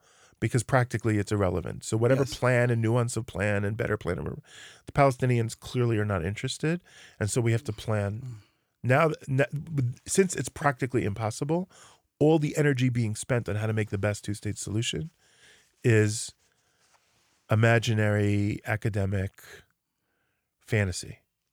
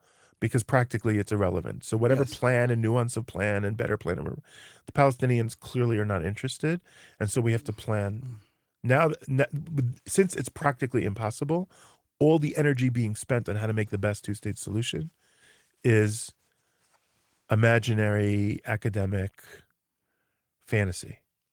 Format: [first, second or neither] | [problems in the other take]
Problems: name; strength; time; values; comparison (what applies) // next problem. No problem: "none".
first | garbled, watery; slightly